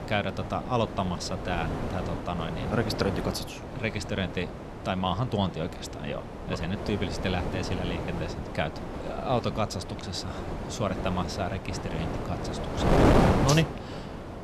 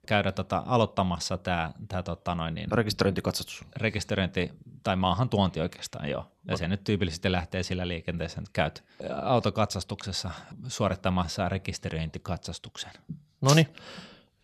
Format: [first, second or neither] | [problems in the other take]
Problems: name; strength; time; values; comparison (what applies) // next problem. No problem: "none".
second | wind noise on the microphone; heavy; 1 dB below the speech